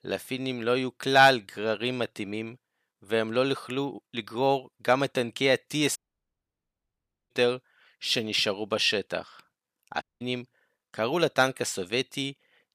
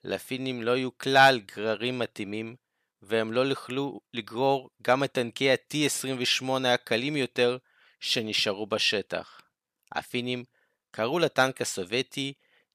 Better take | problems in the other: second | audio cutting out; at 6 s for 1.5 s and at 10 s

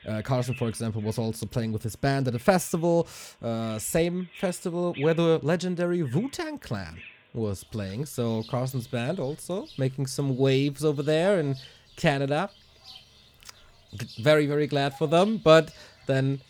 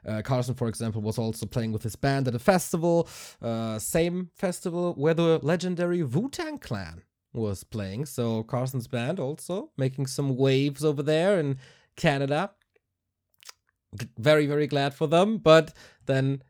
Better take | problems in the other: second | animal sounds; faint; throughout; 20 dB below the speech

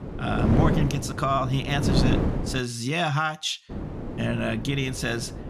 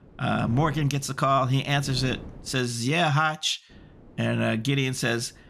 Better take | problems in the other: second | wind noise on the microphone; heavy; until 2.5 s and from 3.5 s on; 5 dB below the speech; occasional gusts in the second

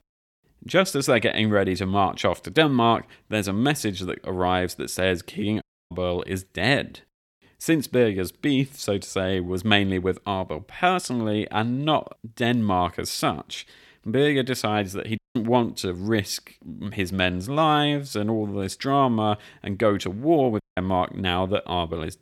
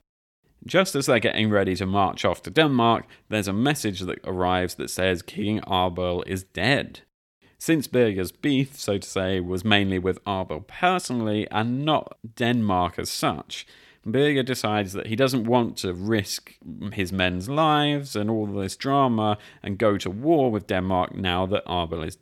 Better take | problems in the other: second | audio cutting out; at 5.5 s, at 15 s and at 21 s

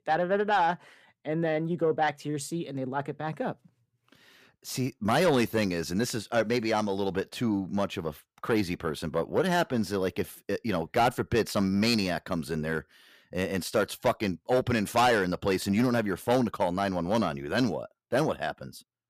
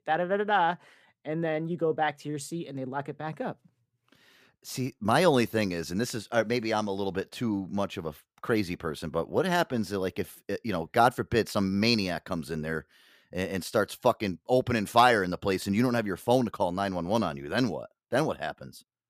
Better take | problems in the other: second | distortion; slight; 10 dB below the speech

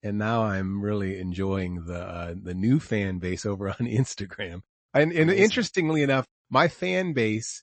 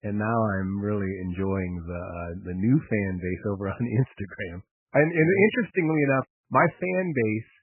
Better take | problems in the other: first | garbled, watery; badly; nothing above 2.5 kHz; slightly in the first

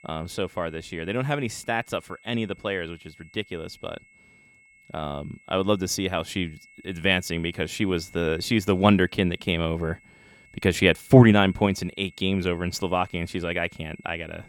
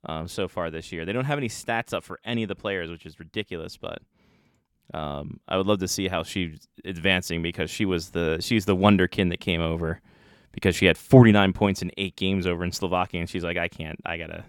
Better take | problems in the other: second | high-pitched whine; faint; throughout; 2 kHz, 25 dB below the speech

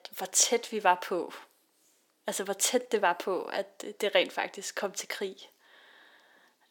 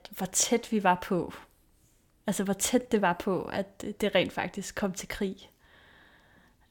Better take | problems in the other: second | thin; somewhat; fading below 350 Hz

